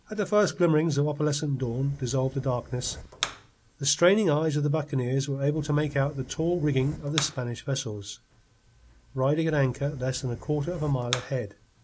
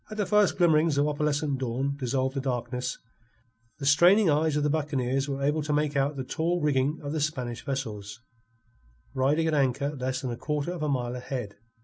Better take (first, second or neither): second